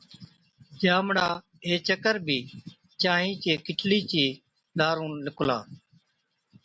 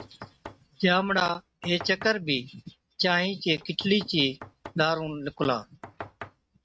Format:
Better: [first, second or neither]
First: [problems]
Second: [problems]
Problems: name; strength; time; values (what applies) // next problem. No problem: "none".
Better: first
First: none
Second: noise reduction (neural mask model RNNoise)